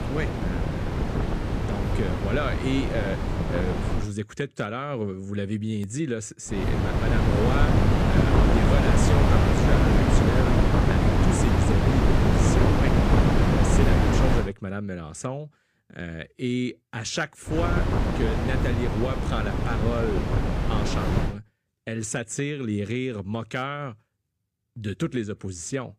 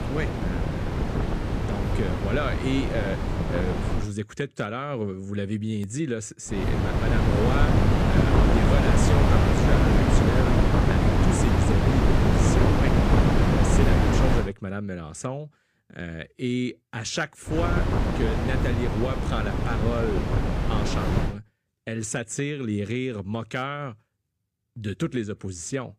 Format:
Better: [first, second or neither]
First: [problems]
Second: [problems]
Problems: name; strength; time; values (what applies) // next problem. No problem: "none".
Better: neither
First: wind noise on the microphone; heavy; until 4 s, from 6.5 to 14 s and from 18 to 21 s; 4 dB above the speech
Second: wind noise on the microphone; heavy; until 4 s, from 6.5 to 14 s and from 18 to 21 s; 4 dB above the speech